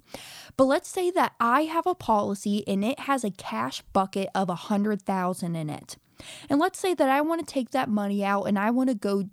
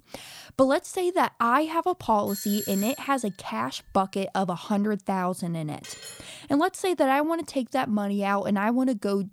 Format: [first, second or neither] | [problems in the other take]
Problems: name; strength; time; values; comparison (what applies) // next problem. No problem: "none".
first | doorbell; noticeable; at 2.5 s; peak 6 dB below the speech // clattering dishes; faint; at 6 s; peak 15 dB below the speech